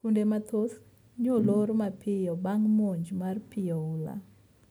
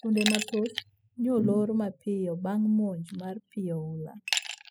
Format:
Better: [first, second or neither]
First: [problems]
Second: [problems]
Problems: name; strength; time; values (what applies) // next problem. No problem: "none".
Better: first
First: none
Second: noise reduction (classical method spectral subtraction)